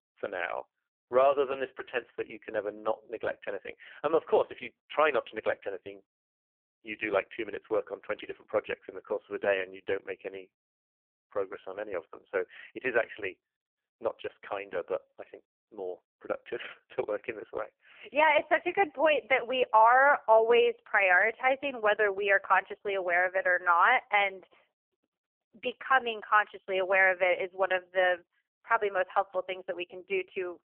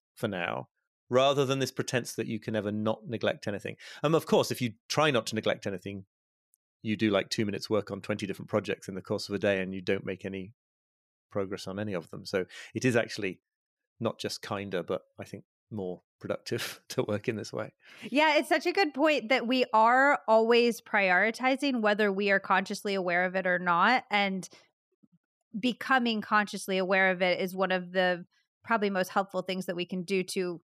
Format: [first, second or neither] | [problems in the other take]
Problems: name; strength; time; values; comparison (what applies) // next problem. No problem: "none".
second | phone-call audio; poor line; nothing above 3 kHz